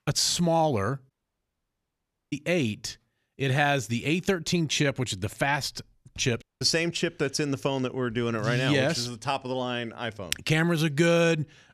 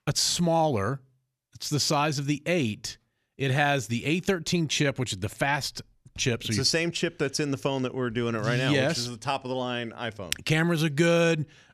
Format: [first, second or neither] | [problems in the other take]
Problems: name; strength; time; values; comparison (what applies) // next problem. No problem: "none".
second | audio cutting out; at 1 s for 1 s and at 6.5 s